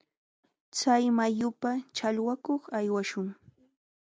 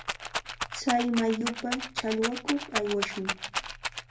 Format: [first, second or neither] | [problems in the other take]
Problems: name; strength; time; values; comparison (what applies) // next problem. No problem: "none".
first | background sound (Rattle); 4 dB below the speech // room echo; dies away in 0.3 s